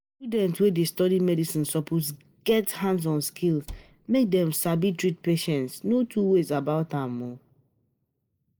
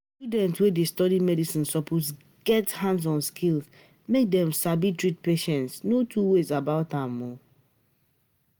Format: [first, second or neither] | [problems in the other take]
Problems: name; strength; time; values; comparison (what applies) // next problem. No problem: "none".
second | noise reduction (neural mask model Resemble Enhance denoiser)